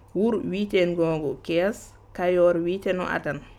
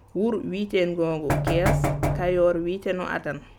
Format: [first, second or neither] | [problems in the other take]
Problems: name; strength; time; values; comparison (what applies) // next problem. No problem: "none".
first | background sound (Knock); as loud as the speech